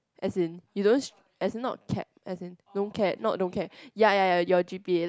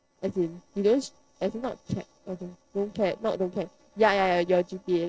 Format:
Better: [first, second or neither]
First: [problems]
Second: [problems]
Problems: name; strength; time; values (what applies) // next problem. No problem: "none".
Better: first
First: none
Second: noise reduction (neural separator model SepFormer DNS4)